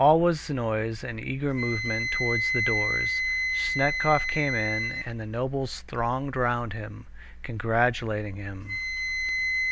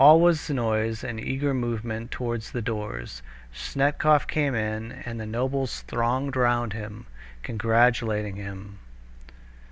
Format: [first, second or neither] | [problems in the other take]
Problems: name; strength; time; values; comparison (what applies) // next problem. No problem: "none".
second | background sound (Wind instrument, woodwind instrument); 3 dB below the speech